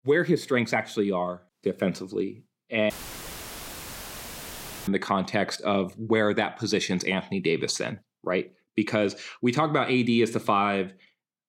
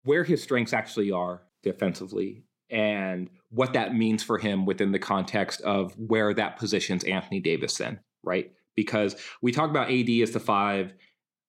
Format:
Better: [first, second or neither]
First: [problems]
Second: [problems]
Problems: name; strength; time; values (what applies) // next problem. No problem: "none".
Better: second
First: audio cutting out; filled with static; at 3 s for 2 s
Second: none